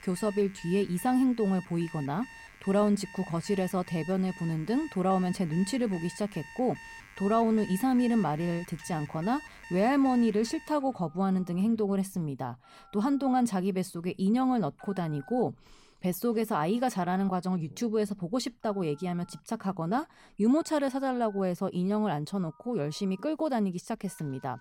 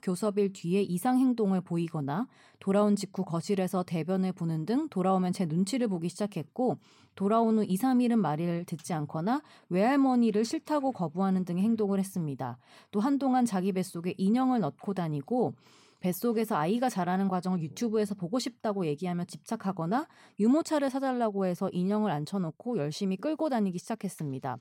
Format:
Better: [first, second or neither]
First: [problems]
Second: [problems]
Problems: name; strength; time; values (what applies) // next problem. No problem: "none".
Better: second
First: alarms or sirens; noticeable; throughout; 20 dB below the speech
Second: none